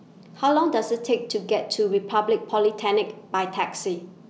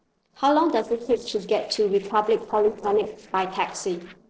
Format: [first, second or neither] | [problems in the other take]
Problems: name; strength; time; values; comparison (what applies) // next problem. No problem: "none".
first | noise reduction (neural separator model SepFormer DNS4)